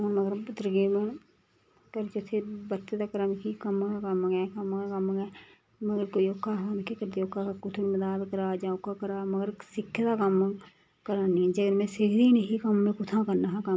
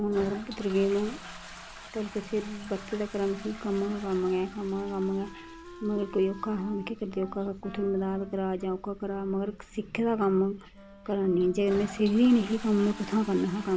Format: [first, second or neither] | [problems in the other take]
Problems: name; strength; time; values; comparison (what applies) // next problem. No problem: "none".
first | background sound (Toilet flush + Wind instrument, woodwind instrument); 16 dB below the speech